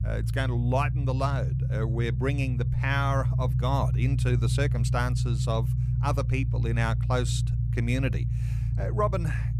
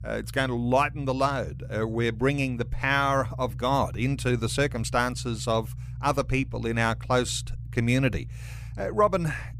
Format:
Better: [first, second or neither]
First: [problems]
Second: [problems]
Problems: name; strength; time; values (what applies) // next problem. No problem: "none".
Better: second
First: low rumble; loud; throughout; 9 dB below the speech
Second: low rumble; faint; throughout; 25 dB below the speech